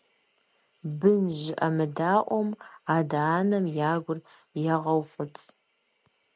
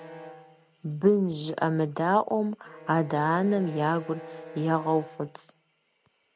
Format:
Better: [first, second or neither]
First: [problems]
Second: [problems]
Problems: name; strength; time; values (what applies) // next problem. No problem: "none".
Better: first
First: none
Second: background sound (Bowed string instrument); 18 dB below the speech